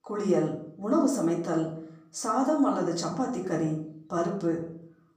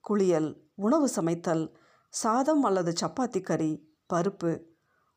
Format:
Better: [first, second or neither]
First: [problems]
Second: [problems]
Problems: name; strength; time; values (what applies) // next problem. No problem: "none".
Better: second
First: off-mic speech; far // room echo; slight; dies away in 0.5 s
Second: none